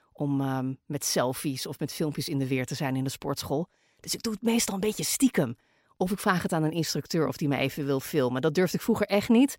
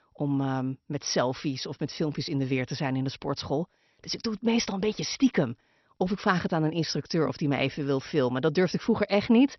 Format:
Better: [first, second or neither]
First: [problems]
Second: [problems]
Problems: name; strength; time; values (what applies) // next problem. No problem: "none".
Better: first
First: none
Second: garbled, watery; slightly; nothing above 6 kHz